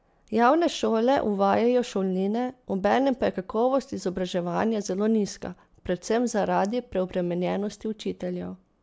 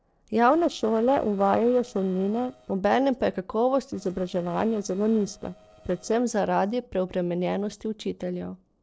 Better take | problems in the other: first | noise reduction (neural separator model SepFormer DNS4)

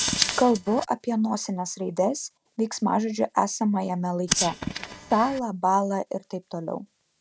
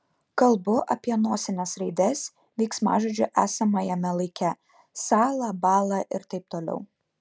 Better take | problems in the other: second | noise reduction (neural mask model RNNoise)

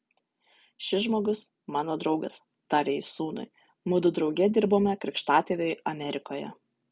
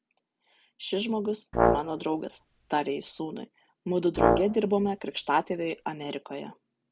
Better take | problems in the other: first | background sound (Brass instrument); 1 dB above the speech

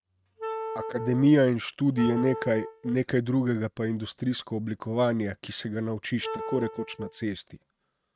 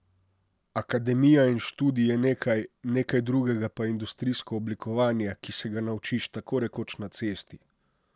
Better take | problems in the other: second | noise reduction (neural mask model RNNoise)

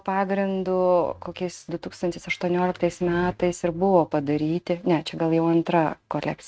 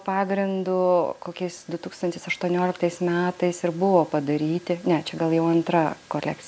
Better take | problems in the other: second | noise reduction (neural mask model RNNoise)

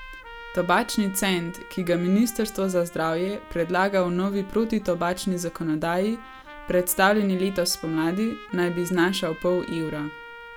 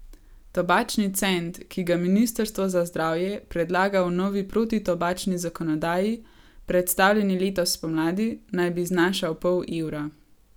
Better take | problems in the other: second | background sound (Trumpet); 18 dB below the speech

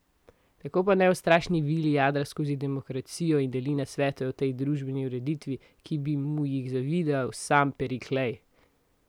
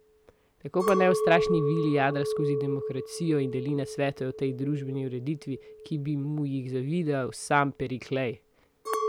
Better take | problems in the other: first | background sound (Chink, clink); 5 dB below the speech

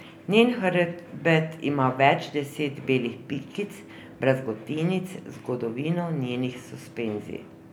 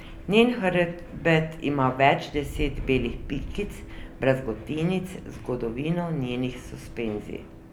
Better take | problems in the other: first | background sound (Wind); 13 dB below the speech

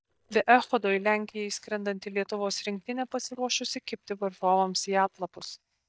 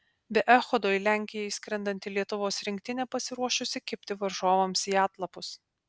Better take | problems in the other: second | noise reduction (neural mask model DeepFilterNet 3)

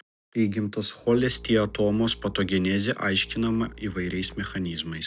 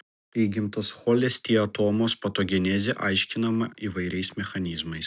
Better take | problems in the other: second | background sound (Bowed string instrument); 19 dB below the speech

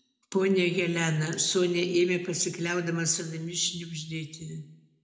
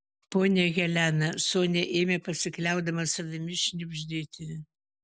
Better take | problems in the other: second | room echo; dies away in 0.6 s

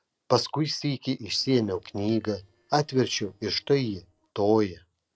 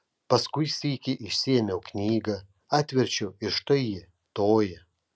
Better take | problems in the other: second | noise reduction (neural separator model SepFormer DNS4)

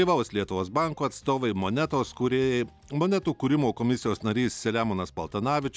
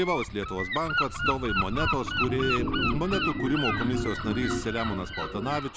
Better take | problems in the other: first | background sound (Gull, seagull / Wind + Organ); as loud as the speech

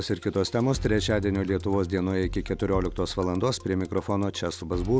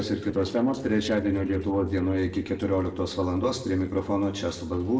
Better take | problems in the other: first | noise reduction (neural separator model SepFormer DNS4)

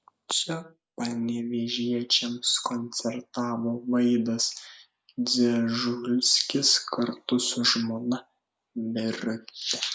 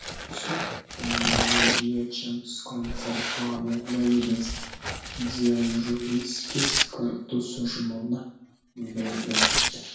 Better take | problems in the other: first | background sound (Tearing); 1 dB below the speech // room echo; dies away in 0.5 s

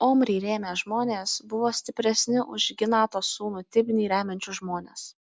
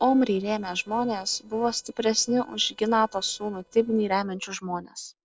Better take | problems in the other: first | noise reduction (neural separator model SepFormer DNS4)

